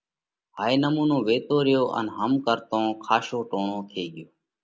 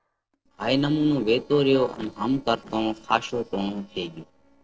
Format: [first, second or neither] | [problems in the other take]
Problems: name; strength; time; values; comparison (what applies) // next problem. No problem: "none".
first | noise reduction (neural separator model SepFormer DNS4)